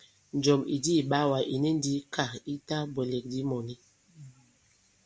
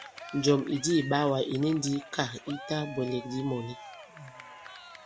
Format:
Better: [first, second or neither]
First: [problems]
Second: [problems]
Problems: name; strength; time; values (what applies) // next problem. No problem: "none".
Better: first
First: none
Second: background sound (Cheering); 15 dB below the speech